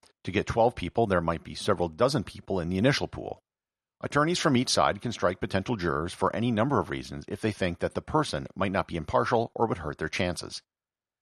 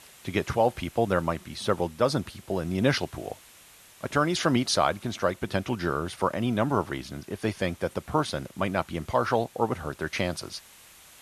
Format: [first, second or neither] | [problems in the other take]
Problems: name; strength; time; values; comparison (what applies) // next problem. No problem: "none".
first | hiss; faint; throughout; 25 dB below the speech